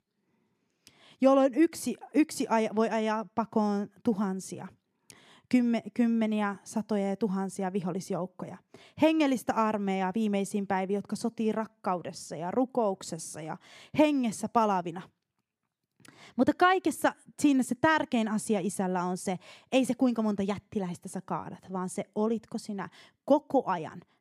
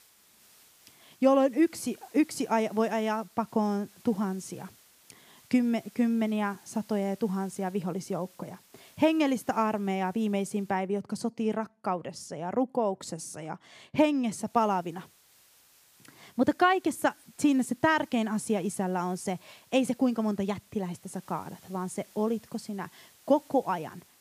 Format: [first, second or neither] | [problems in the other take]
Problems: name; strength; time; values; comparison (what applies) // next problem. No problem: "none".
first | hiss; faint; until 11 s and from 14 s on; 25 dB below the speech